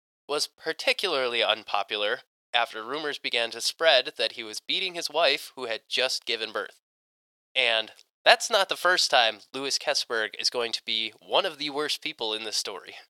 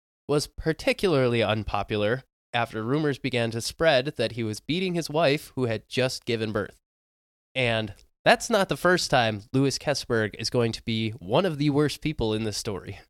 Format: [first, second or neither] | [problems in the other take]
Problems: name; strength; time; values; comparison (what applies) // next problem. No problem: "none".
second | thin; very; fading below 700 Hz